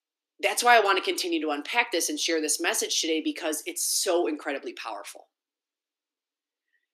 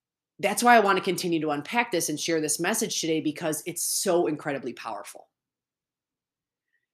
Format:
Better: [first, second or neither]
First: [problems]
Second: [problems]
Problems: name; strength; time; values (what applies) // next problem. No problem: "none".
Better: second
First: thin; very slightly; fading below 300 Hz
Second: none